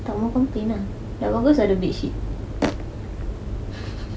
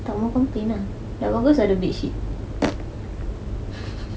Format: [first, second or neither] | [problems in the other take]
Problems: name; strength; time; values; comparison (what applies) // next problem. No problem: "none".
first | background sound (Bass drum); 19 dB below the speech